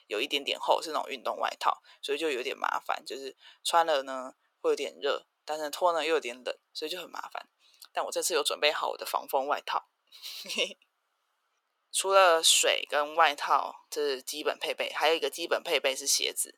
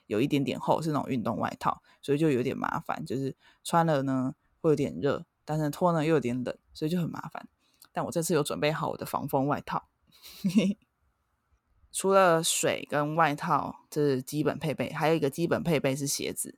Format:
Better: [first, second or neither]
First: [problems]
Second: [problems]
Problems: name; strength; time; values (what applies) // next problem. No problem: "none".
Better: second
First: thin; very; fading below 450 Hz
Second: none